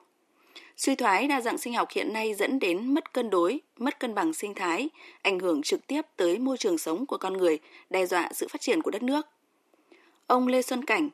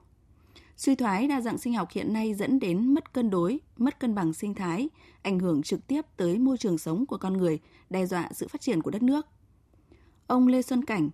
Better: second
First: thin; somewhat; fading below 350 Hz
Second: none

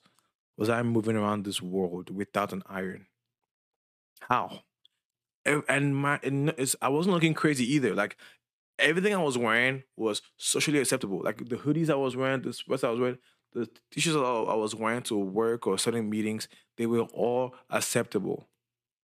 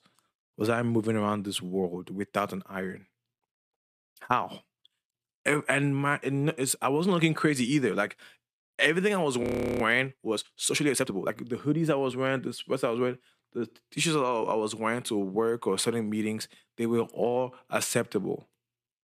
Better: first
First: none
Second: audio freezing; at 9.5 s

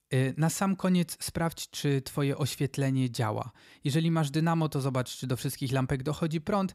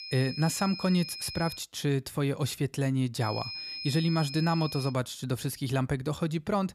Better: first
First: none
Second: high-pitched whine; loud; until 1.5 s and from 3 to 5 s; 5 kHz, 8 dB below the speech

